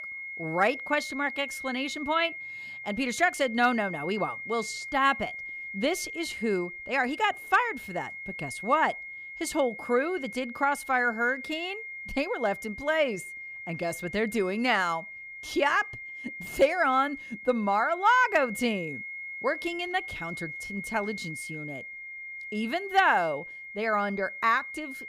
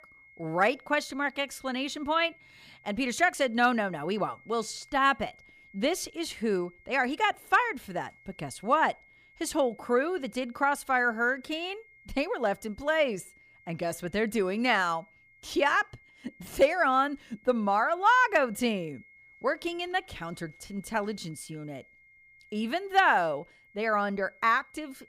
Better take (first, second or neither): second